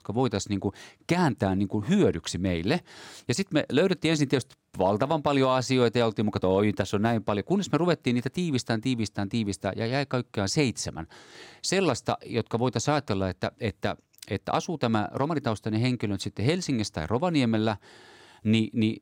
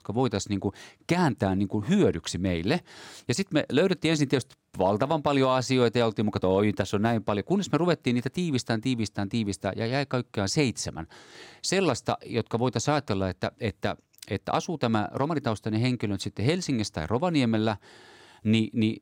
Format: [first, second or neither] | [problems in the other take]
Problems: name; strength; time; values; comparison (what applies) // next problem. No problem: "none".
neither | none